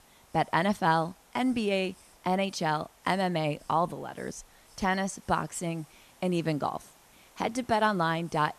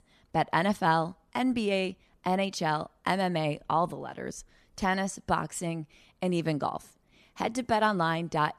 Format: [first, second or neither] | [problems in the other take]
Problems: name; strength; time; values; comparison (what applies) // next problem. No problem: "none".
second | hiss; faint; throughout; 25 dB below the speech